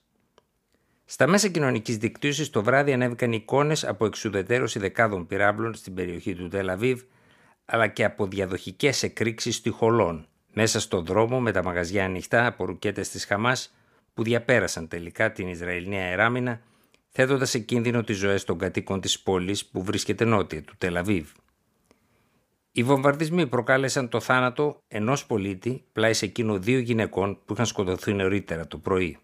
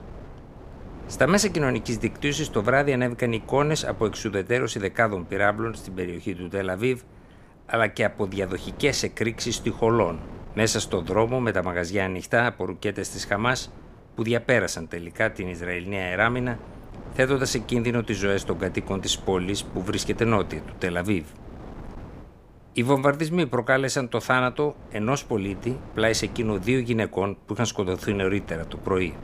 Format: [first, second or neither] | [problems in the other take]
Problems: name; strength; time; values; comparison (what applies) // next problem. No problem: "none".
first | wind noise on the microphone; occasional gusts; 20 dB below the speech